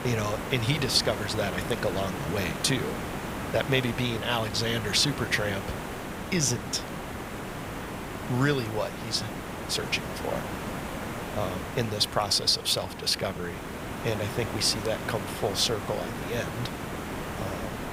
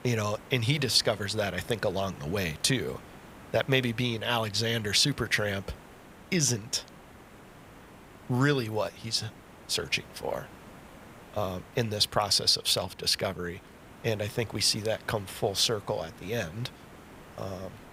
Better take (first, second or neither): second